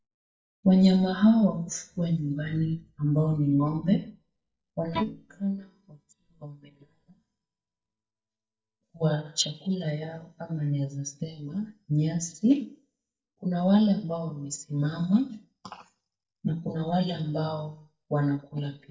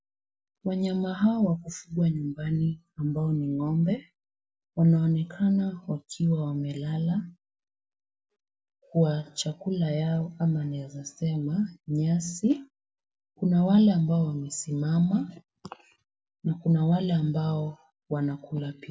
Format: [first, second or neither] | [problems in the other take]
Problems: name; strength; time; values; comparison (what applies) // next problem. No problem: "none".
second | noise reduction (neural mask model DeepFilterNet 3)